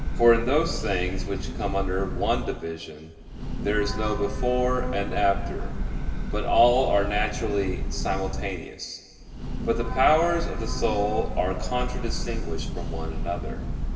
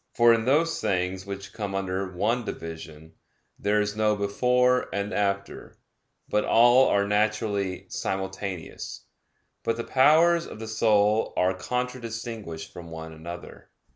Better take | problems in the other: second | background sound (Train / Breathing); 2 dB below the speech // room echo; dies away in 2.1 s

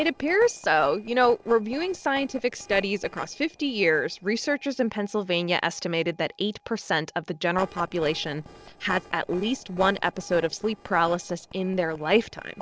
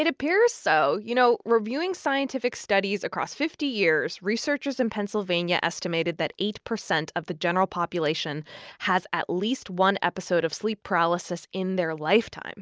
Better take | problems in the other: second | noise reduction (neural separator model SepFormer DNS4)

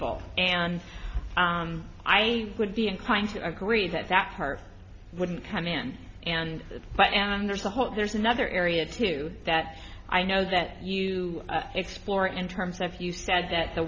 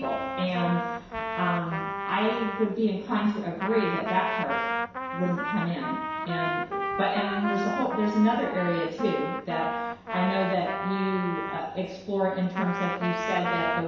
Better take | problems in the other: first | background sound (Trumpet); 4 dB below the speech // room echo; dies away in 0.7 s

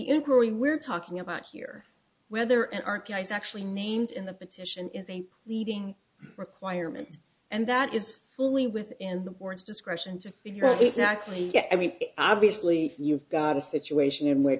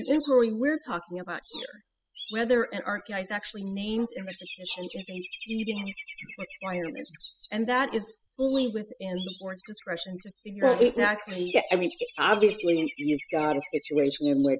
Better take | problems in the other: first | noise reduction (classical method spectral subtraction)

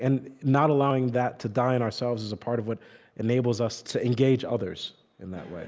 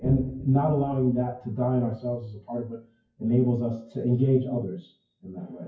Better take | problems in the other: first | noise reduction (classical method WPE with log-MMSE)

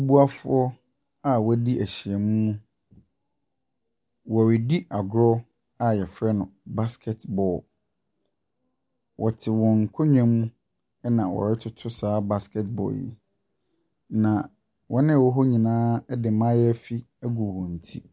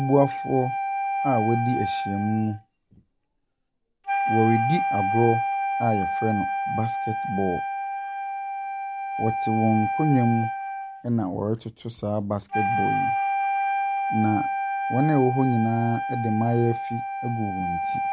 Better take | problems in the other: first | background sound (Wind instrument, woodwind instrument); 1 dB below the speech

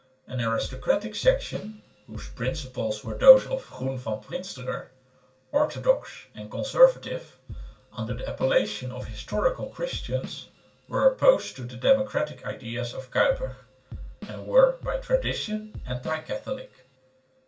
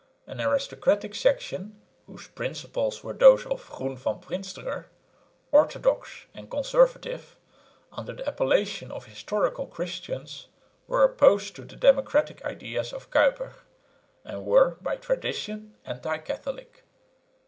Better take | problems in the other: second | background sound (Drum kit); 13 dB below the speech // room echo; dies away in 0.2 s

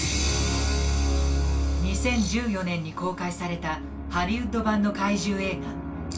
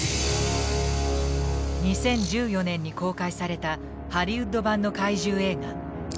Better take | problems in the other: second | room echo; dies away in 0.2 s

